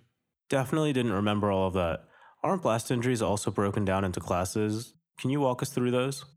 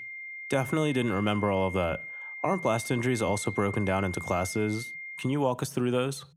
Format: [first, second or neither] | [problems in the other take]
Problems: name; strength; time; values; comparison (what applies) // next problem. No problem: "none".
first | high-pitched whine; loud; until 5.5 s; 2 kHz, 9 dB below the speech